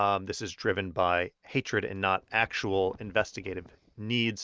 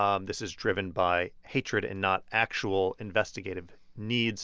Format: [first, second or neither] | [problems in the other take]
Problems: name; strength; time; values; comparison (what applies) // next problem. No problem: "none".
second | noise reduction (neural mask model RNNoise)